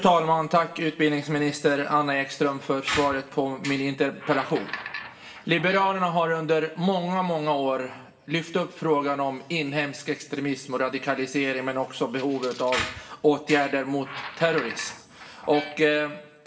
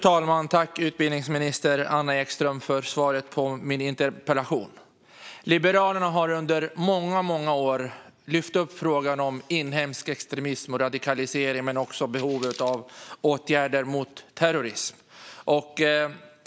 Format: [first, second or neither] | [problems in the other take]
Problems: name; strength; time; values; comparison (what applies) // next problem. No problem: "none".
second | background sound (Squeak); 10 dB below the speech // room echo; dies away in 1 s